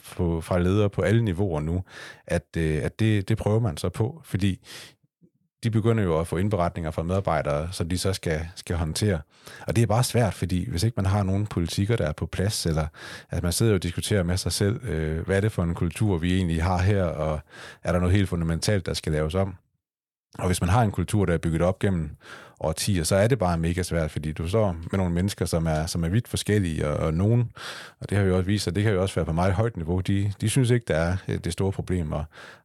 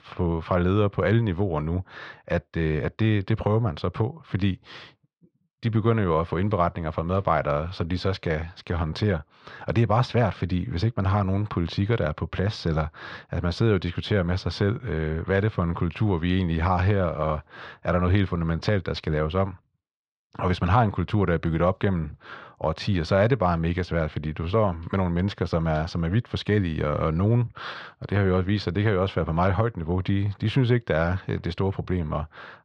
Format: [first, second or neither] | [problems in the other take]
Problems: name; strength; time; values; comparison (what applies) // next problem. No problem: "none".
first | muffled; slightly; fading above 4 kHz